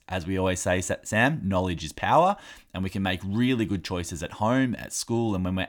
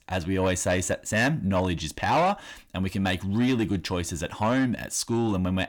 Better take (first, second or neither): first